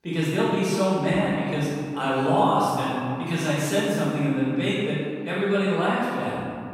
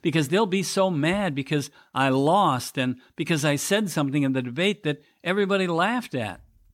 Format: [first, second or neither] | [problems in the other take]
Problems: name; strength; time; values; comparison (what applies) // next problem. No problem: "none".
second | room echo; strong; dies away in 2 s // off-mic speech; far